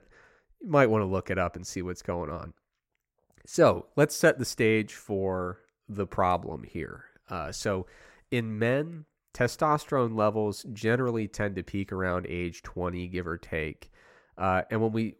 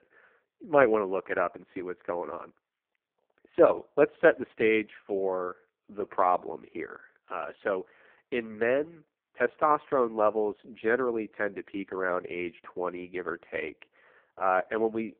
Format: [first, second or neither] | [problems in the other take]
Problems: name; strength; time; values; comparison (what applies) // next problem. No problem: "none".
first | phone-call audio; poor line